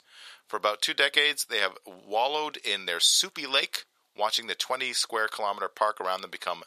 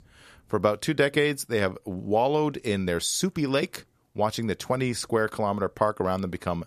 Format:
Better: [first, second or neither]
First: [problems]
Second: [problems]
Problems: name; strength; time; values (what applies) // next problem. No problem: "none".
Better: second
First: thin; very; fading below 800 Hz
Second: none